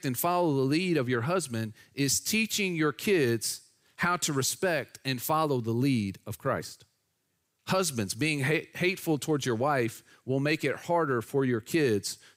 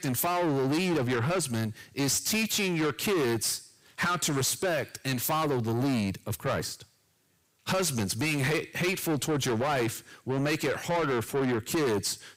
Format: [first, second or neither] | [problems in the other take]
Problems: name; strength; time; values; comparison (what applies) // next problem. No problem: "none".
first | distortion; heavy; 7 dB below the speech